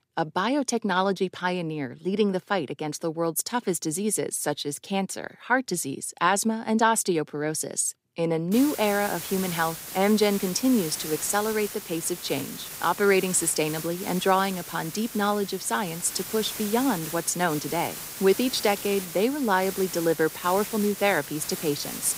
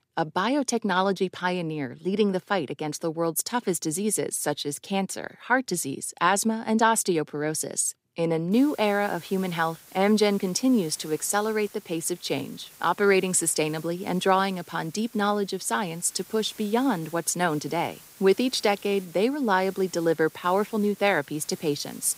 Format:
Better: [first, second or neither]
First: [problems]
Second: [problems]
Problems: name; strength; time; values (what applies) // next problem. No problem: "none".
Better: second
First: hiss; loud; from 8.5 s on; 9 dB below the speech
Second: hiss; faint; from 8.5 s on; 20 dB below the speech